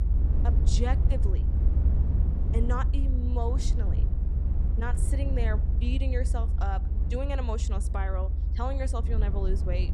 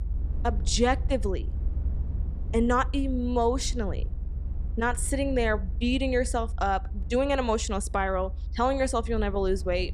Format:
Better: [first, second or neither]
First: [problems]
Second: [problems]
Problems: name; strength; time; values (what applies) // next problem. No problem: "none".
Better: second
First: low rumble; loud; throughout; 7 dB below the speech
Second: low rumble; faint; throughout; 25 dB below the speech